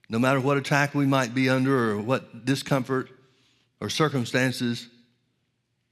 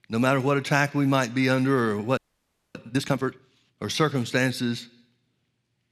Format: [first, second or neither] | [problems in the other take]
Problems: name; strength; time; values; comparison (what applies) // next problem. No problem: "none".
first | audio freezing; at 2 s for 0.5 s